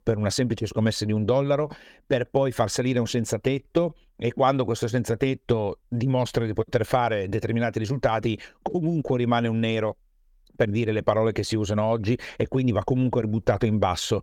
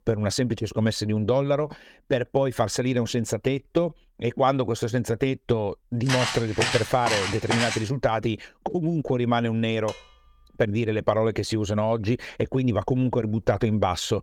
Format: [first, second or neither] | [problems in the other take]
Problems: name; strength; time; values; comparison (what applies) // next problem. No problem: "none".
first | footsteps; noticeable; from 6 to 8 s; peak level with the speech // clattering dishes; faint; at 10 s; peak 15 dB below the speech